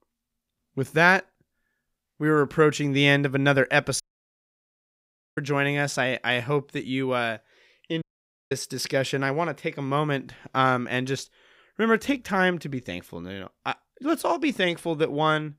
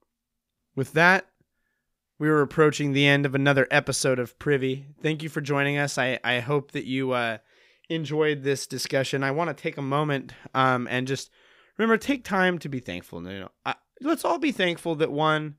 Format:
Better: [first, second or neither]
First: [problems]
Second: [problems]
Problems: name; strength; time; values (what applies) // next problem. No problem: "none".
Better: second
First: audio cutting out; at 4 s for 1.5 s and at 8 s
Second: none